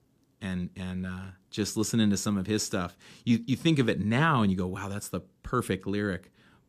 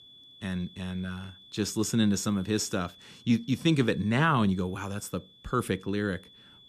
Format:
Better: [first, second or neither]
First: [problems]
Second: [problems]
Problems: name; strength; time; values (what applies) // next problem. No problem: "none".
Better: first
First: none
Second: high-pitched whine; faint; throughout; 3.5 kHz, 25 dB below the speech